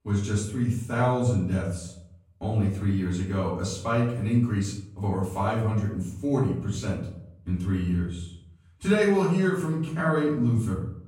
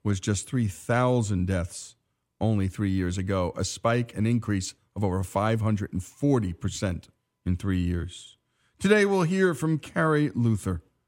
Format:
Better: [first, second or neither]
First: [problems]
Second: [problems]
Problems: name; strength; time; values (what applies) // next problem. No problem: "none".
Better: second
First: off-mic speech; far // room echo; noticeable; dies away in 0.6 s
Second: none